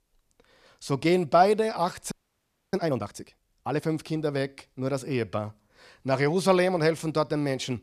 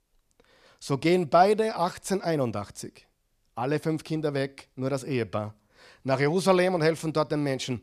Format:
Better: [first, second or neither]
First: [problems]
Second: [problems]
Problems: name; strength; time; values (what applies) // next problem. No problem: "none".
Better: second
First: audio freezing; at 2 s for 0.5 s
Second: none